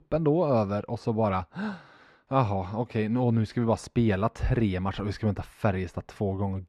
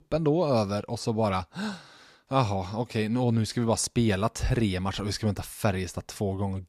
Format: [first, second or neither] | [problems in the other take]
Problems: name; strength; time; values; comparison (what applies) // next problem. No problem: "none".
second | muffled; slightly; fading above 4 kHz